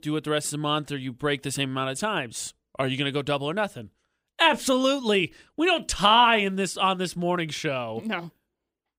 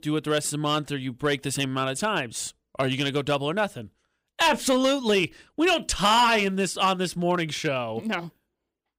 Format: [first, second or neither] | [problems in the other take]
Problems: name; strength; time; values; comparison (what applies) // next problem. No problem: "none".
first | distortion; slight; 3% of the sound clipped